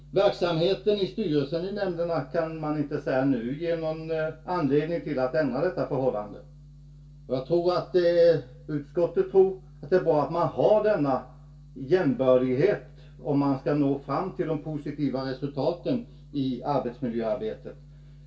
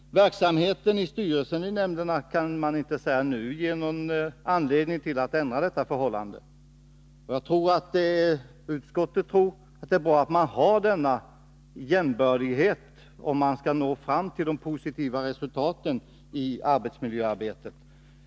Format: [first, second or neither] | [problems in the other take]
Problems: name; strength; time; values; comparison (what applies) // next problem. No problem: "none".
second | room echo; dies away in 0.2 s